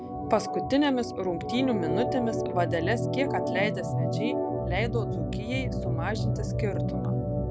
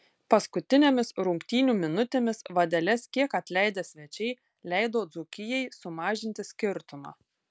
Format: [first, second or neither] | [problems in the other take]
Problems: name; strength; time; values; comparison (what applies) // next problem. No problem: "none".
second | background sound (Organ); 1 dB above the speech